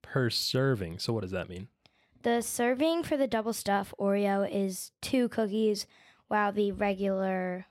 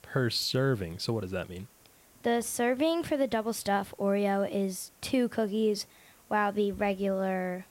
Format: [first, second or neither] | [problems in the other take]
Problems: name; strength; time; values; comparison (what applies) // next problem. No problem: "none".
first | hiss; faint; throughout; 30 dB below the speech